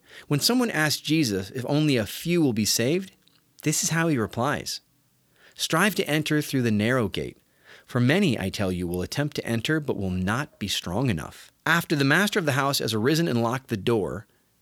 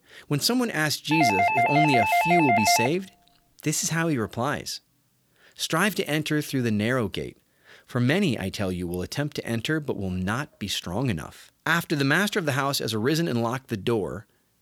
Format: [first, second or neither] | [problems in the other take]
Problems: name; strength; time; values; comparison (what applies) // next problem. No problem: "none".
first | doorbell; loud; from 1 to 3 s; peak 5 dB above the speech